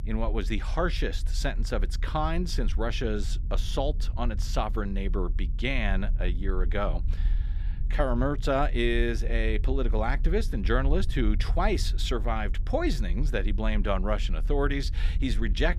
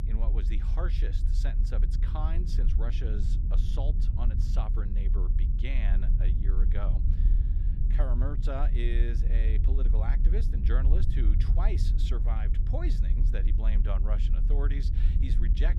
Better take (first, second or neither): first